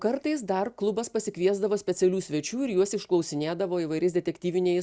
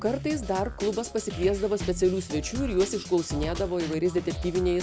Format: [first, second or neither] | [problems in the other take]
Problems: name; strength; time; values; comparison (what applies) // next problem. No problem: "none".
first | background sound (Drum kit + Drum kit); 9 dB below the speech